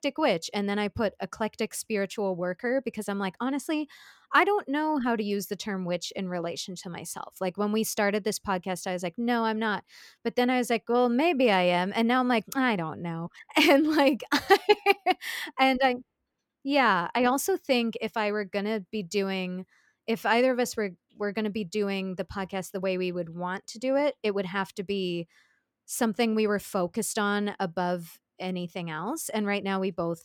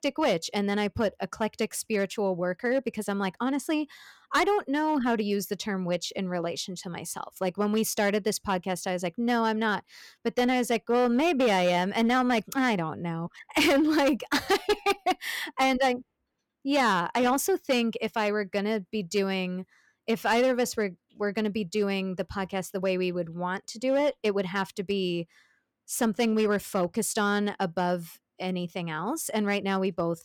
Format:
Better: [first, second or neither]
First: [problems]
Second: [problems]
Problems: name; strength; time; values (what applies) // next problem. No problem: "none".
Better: first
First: none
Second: distortion; slight; 4% of the sound clipped